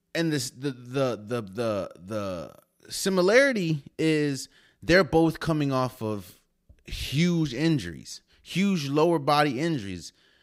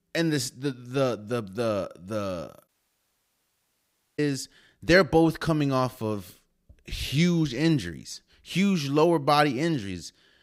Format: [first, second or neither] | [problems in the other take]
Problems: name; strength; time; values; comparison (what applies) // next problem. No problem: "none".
first | audio cutting out; at 2.5 s for 1.5 s